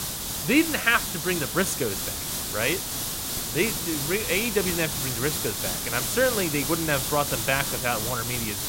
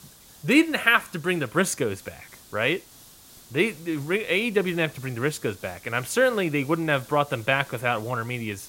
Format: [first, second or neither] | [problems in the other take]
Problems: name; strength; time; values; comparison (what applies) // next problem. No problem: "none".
second | hiss; loud; throughout; 1 dB below the speech; faint in the second